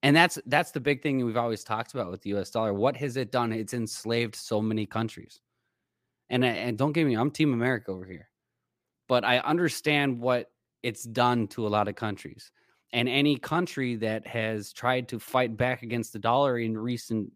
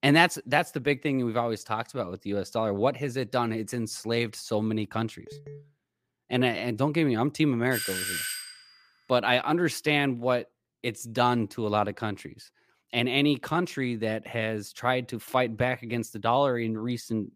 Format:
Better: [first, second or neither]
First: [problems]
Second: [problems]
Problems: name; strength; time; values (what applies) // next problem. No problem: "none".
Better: first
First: none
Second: phone ringing; faint; at 5.5 s; peak 15 dB below the speech // doorbell; noticeable; at 7.5 s; peak 2 dB below the speech